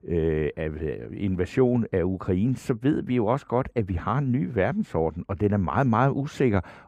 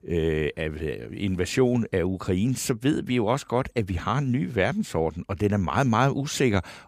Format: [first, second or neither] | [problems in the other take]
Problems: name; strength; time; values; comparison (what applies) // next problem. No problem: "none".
second | muffled; very; fading above 2.5 kHz